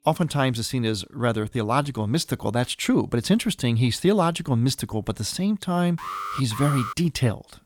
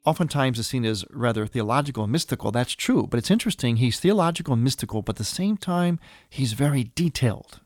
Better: second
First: alarm; noticeable; at 6 s; peak 7 dB below the speech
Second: none

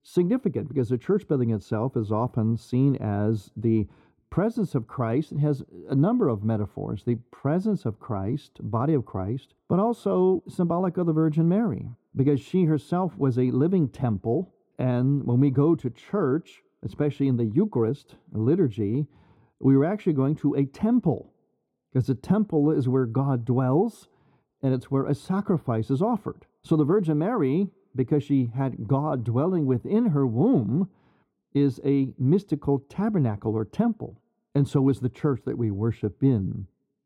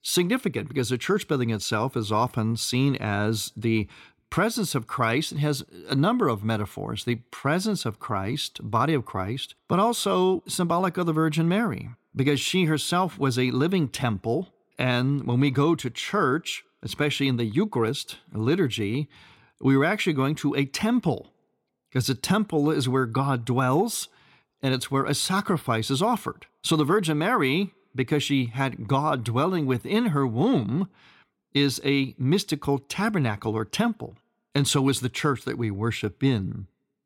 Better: second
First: muffled; very; fading above 1 kHz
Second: none

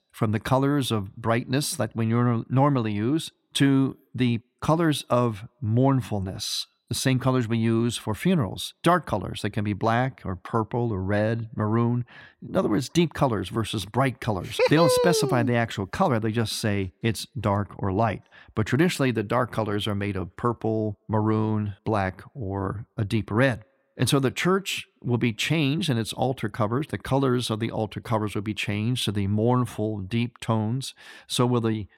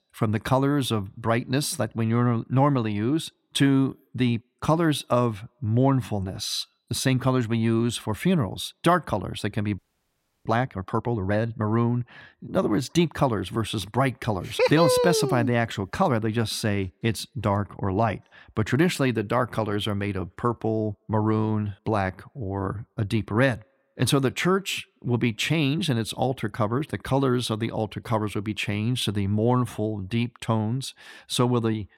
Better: first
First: none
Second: audio freezing; at 10 s for 0.5 s

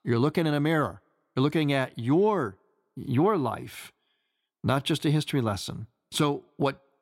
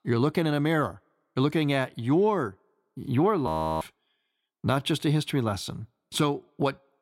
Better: first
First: none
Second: audio freezing; at 3.5 s

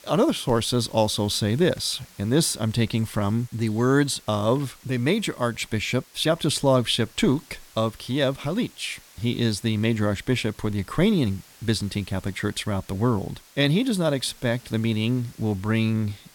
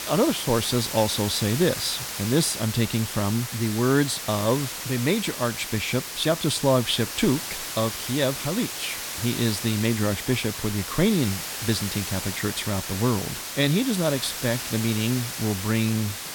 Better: first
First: hiss; faint; throughout; 25 dB below the speech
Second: hiss; loud; throughout; 5 dB below the speech

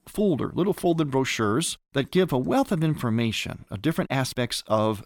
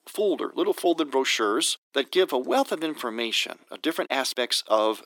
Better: first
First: none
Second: thin; somewhat; fading below 300 Hz

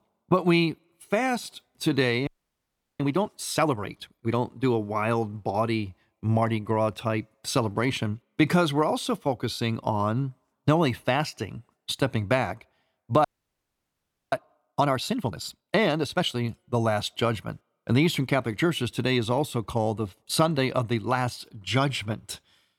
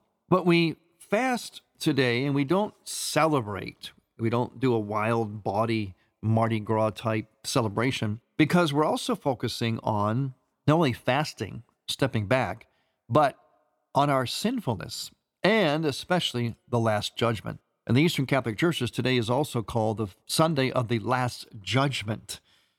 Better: second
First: audio freezing; at 2.5 s for 0.5 s and at 13 s for 1 s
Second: none

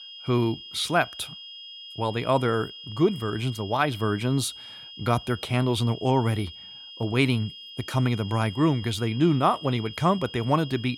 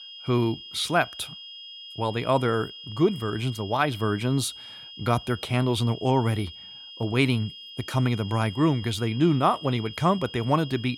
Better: neither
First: high-pitched whine; noticeable; throughout; 3.5 kHz, 15 dB below the speech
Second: high-pitched whine; noticeable; throughout; 3.5 kHz, 15 dB below the speech

